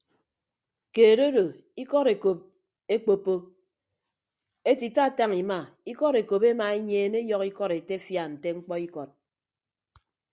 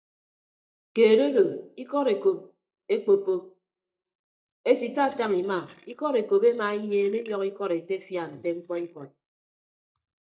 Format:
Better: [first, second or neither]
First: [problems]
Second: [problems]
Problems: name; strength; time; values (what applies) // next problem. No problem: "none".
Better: first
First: none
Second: noise reduction (neural mask model DeepFilterNet 3)